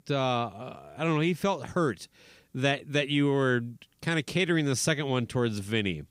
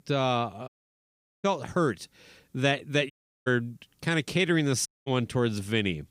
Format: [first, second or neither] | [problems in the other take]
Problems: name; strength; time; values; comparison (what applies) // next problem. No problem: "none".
first | audio cutting out; at 0.5 s for 1 s, at 3 s and at 5 s